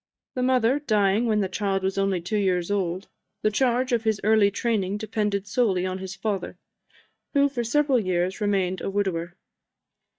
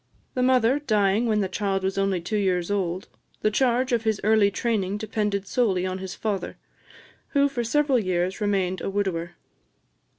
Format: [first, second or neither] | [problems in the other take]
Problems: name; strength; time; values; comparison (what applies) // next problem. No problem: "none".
second | noise reduction (neural mask model DeepFilterNet 3)